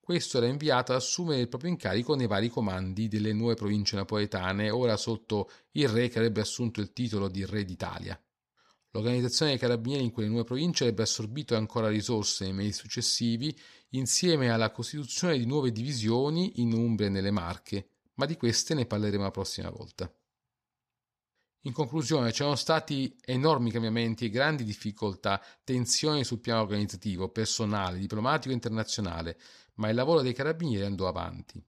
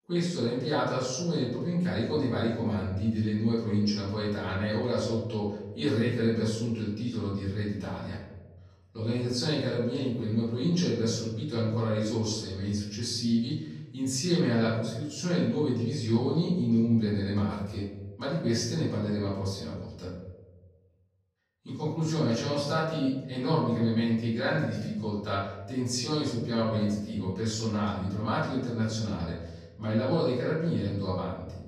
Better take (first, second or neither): first